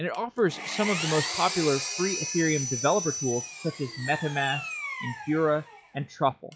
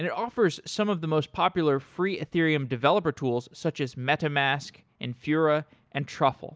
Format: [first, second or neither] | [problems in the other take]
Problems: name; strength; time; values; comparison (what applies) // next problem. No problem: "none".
second | noise reduction (classical method log-MMSE)